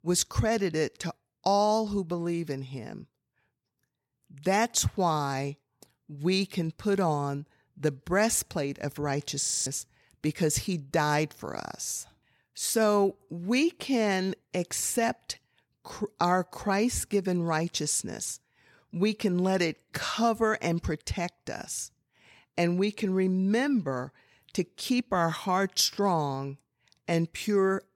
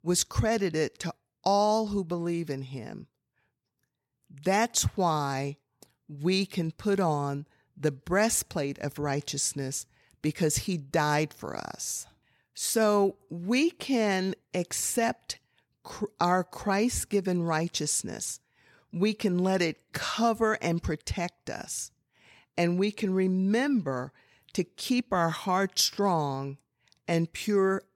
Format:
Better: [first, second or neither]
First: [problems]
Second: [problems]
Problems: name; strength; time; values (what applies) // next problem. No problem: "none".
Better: second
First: audio freezing; at 9.5 s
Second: none